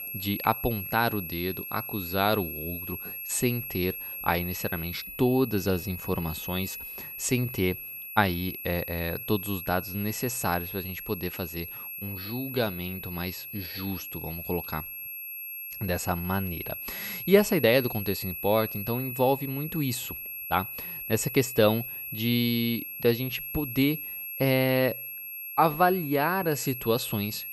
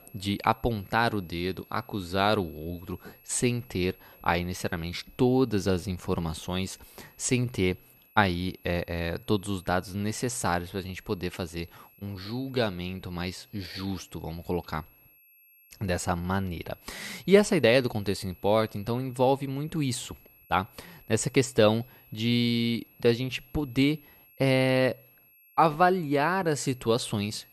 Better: second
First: high-pitched whine; loud; throughout; 11.5 kHz, 7 dB below the speech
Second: high-pitched whine; faint; throughout; 11.5 kHz, 25 dB below the speech

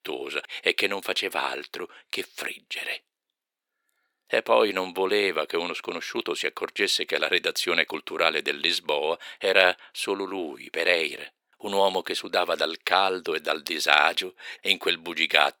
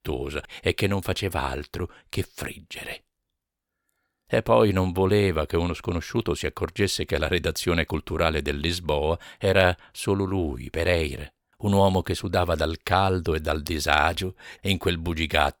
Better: second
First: thin; somewhat; fading below 350 Hz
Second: none

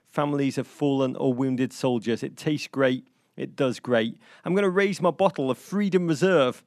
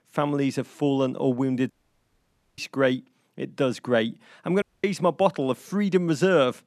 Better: first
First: none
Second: audio cutting out; at 1.5 s for 1 s and at 4.5 s

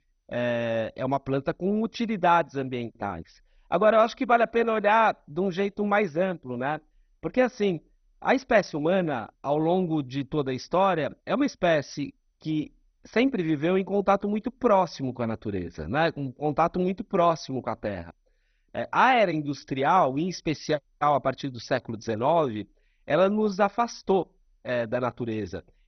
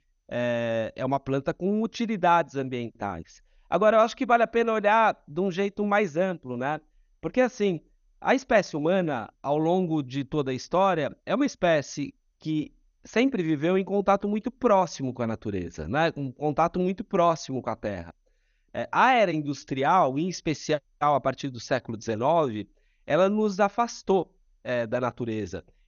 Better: second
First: garbled, watery; badly; nothing above 6 kHz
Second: garbled, watery; slightly; nothing above 6.5 kHz

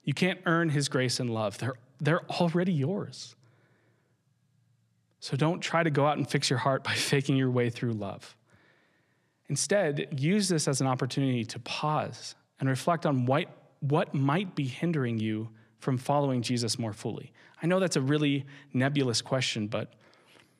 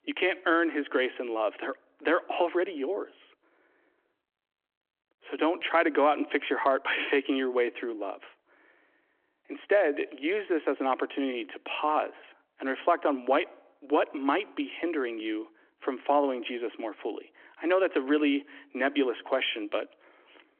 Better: first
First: none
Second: phone-call audio

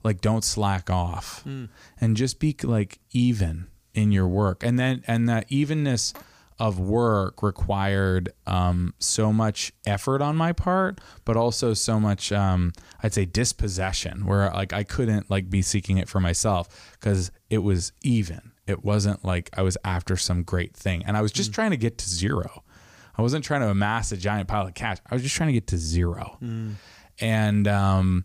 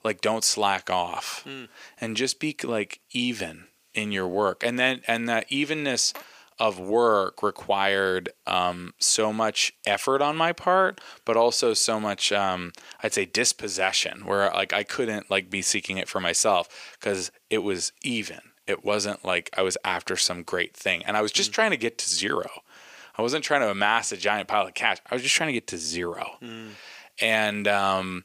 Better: first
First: none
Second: thin; very; fading below 450 Hz

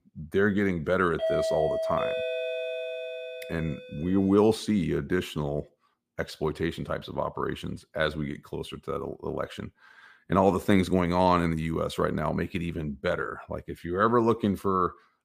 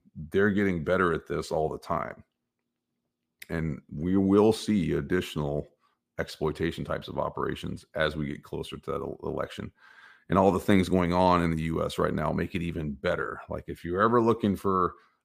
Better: second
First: doorbell; loud; from 1 to 4 s; peak 1 dB above the speech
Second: none

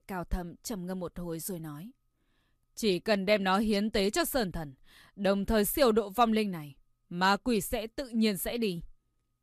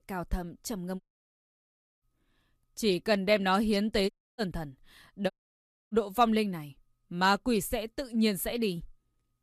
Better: first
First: none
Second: audio cutting out; at 1 s for 1 s, at 4 s and at 5.5 s for 0.5 s

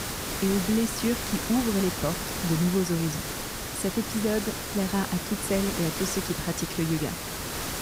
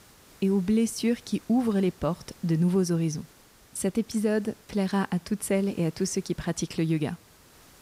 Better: second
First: hiss; loud; throughout; 3 dB below the speech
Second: hiss; faint; throughout; 25 dB below the speech

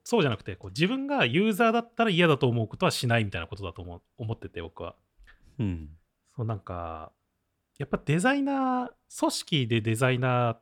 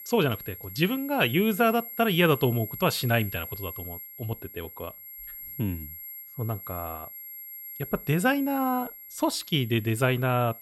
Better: first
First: none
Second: high-pitched whine; noticeable; throughout; 11.5 kHz, 10 dB below the speech

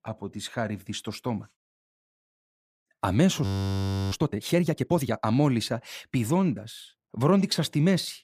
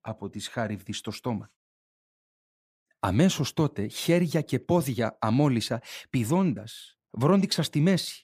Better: second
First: audio freezing; at 3.5 s for 0.5 s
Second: none

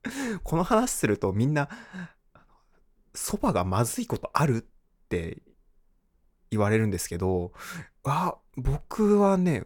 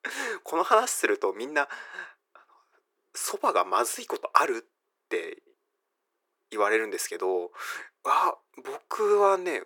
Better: first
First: none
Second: thin; very; fading below 350 Hz

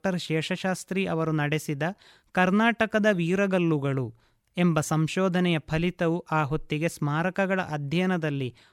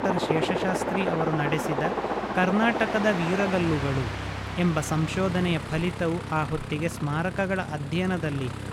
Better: first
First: none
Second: train or aircraft noise; loud; throughout; 4 dB below the speech

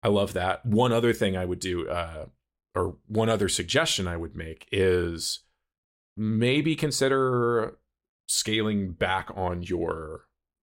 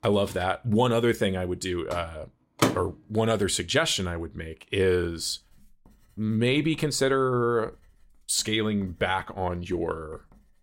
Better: first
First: none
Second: household noises; loud; throughout; 5 dB below the speech

